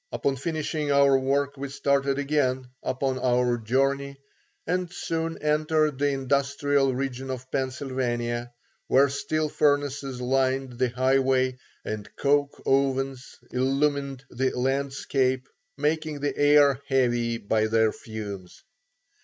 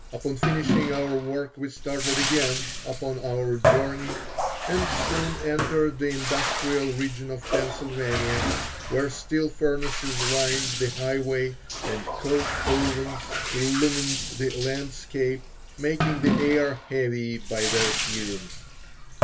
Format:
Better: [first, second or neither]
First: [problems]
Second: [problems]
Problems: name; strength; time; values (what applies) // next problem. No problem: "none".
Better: first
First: none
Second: background sound (Bathtub (filling or washing)); 1 dB below the speech // room echo; dies away in 0.1 s